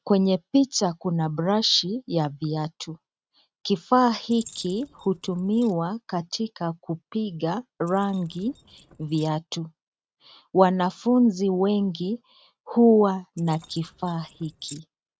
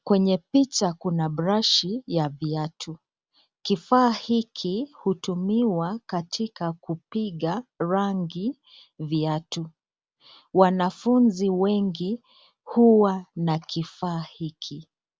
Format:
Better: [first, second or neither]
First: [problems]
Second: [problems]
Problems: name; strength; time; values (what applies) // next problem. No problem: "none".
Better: second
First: noise reduction (neural mask model RNNoise)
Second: none